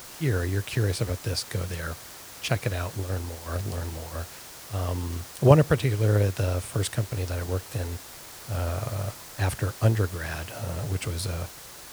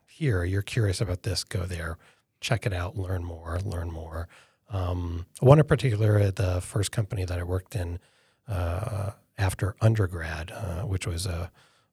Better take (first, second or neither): second